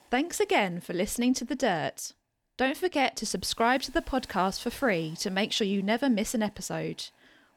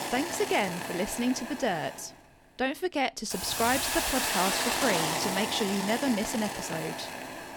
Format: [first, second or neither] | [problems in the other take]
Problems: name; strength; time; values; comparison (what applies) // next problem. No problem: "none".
first | hiss; loud; throughout; 1 dB below the speech; faint in the first